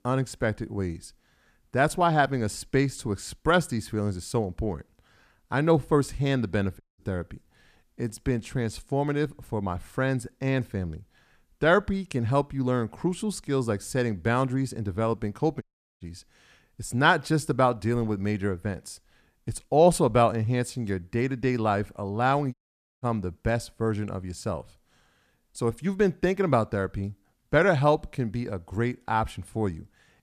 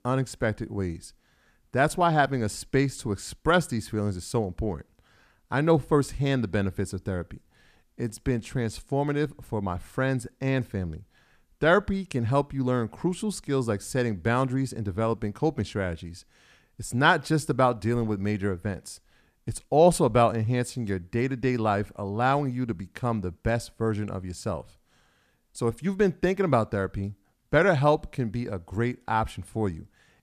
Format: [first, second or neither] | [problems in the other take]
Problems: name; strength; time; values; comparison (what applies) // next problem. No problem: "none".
second | audio cutting out; at 7 s, at 16 s and at 23 s